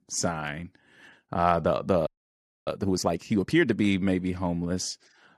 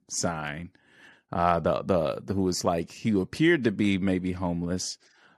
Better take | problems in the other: second | audio freezing; at 2 s for 0.5 s

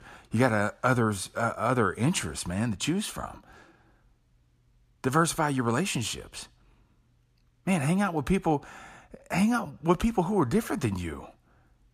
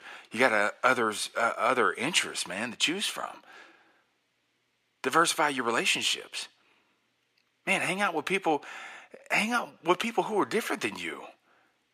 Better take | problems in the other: first | thin; somewhat; fading below 400 Hz

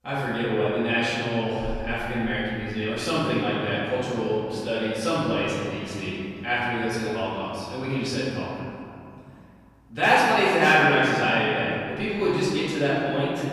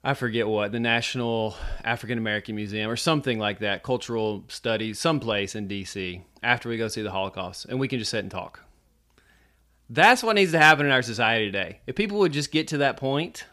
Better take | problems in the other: second | off-mic speech; far // room echo; strong; dies away in 2.5 s

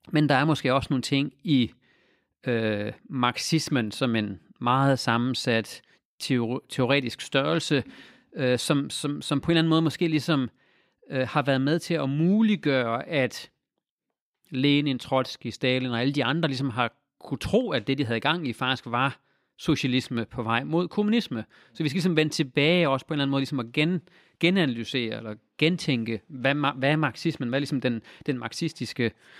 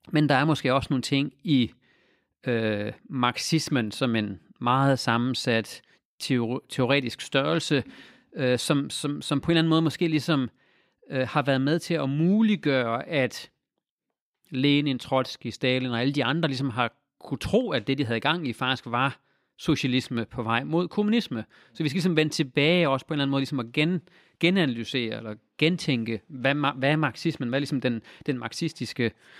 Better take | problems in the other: neither | none

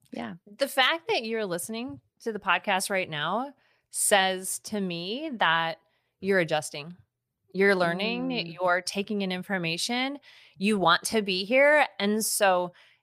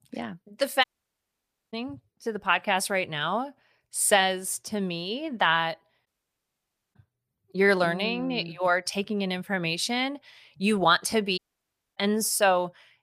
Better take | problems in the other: first | audio cutting out; at 1 s for 1 s, at 6 s for 1 s and at 11 s for 0.5 s

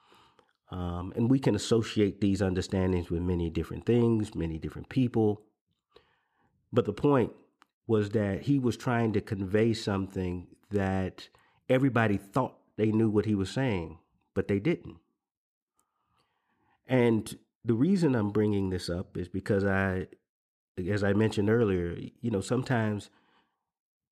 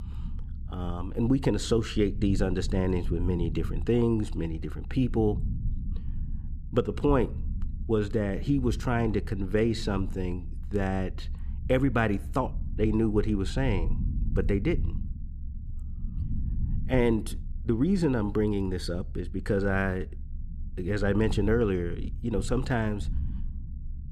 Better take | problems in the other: first | low rumble; noticeable; throughout; 20 dB below the speech

